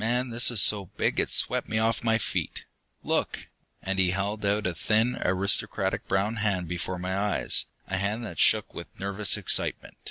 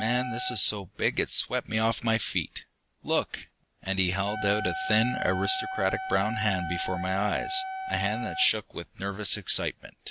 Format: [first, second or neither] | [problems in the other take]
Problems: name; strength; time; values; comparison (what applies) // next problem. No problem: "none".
first | background sound (Wind instrument, woodwind instrument); 7 dB below the speech